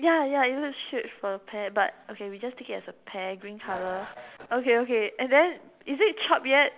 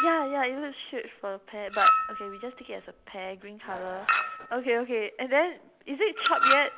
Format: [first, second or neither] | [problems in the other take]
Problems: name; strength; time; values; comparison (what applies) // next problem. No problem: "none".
first | background sound (Chink, clink); as loud as the speech